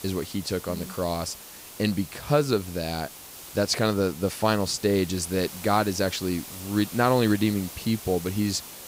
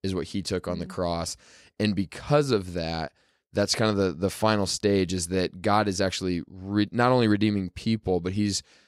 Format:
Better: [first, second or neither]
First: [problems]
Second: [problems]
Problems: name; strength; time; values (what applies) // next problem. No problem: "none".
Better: second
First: hiss; noticeable; throughout; 15 dB below the speech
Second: none